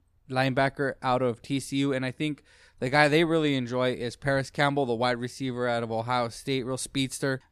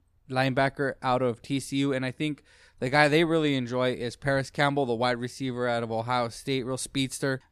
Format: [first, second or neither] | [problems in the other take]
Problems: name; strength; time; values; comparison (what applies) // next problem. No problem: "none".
neither | none